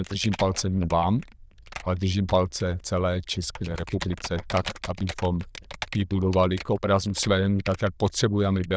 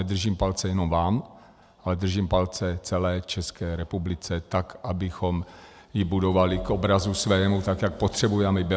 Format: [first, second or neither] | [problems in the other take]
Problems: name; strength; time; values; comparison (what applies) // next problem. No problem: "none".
second | noise reduction (neural diffusion model UNIVERSE++)